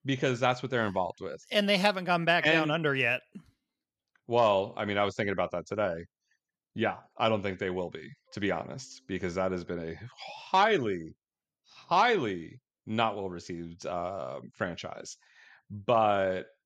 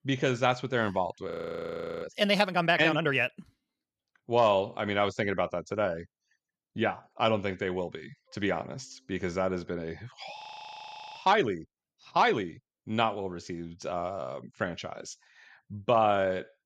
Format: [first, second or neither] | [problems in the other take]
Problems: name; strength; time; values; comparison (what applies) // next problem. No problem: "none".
first | audio freezing; at 1.5 s for 0.5 s and at 10 s for 1 s